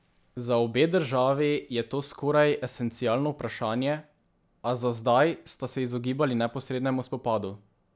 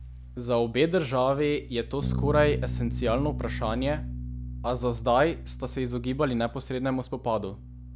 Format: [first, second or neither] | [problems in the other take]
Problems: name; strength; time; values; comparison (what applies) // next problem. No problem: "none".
first | background sound (Bass guitar); 7 dB below the speech